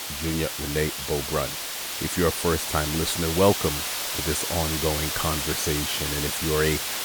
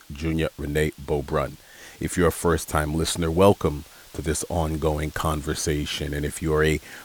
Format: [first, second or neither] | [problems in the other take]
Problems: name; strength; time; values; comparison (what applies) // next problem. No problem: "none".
second | hiss; loud; throughout; 1 dB below the speech; faint in the second